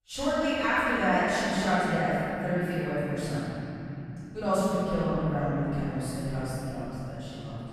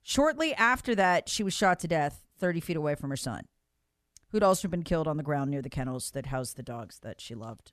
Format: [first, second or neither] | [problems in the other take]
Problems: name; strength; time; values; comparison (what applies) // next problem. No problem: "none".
second | off-mic speech; far // room echo; strong; dies away in 3 s